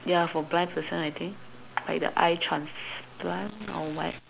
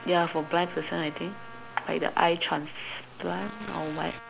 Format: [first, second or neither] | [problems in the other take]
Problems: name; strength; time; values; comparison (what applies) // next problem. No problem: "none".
first | background sound (Trumpet); 18 dB below the speech